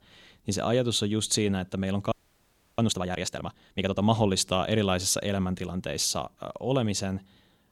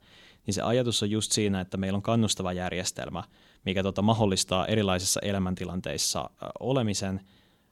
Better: second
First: audio freezing; at 2 s for 0.5 s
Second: none

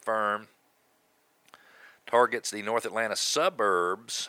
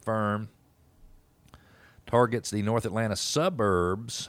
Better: second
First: thin; very; fading below 450 Hz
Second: none

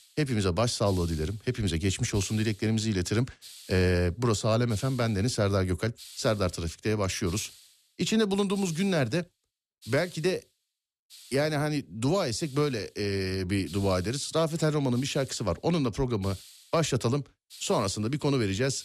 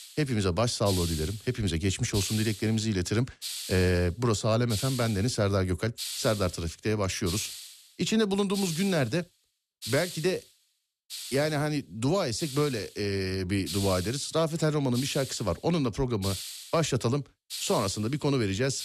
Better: first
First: hiss; faint; throughout; 20 dB below the speech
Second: hiss; loud; throughout; 9 dB below the speech

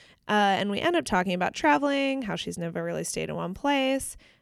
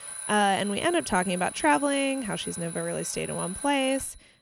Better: first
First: none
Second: alarm; noticeable; peak 7 dB below the speech

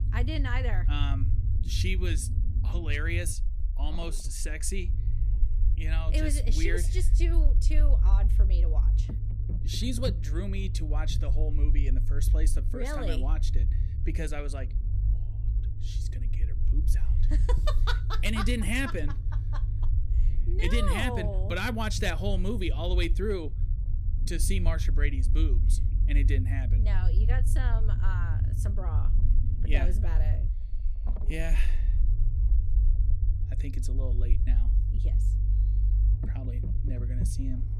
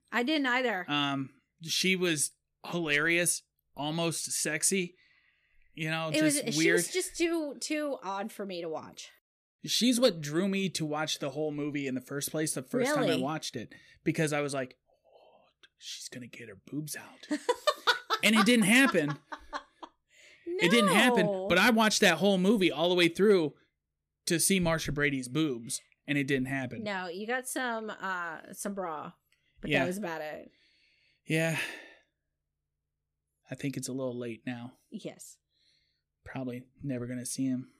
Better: second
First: low rumble; noticeable; throughout; 10 dB below the speech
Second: none

